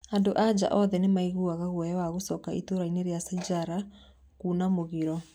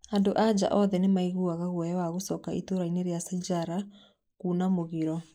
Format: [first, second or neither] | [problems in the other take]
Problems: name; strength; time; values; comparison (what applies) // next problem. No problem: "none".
first | noise reduction (neural mask model Resemble Enhance denoiser)